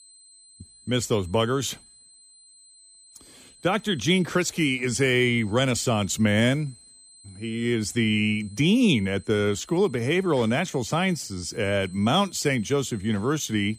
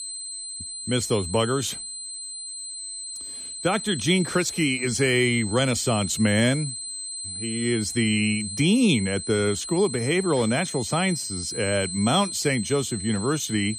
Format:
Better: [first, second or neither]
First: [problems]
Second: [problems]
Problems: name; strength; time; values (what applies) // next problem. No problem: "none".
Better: first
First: high-pitched whine; faint; throughout; 8 kHz, 25 dB below the speech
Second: high-pitched whine; loud; throughout; 8 kHz, 8 dB below the speech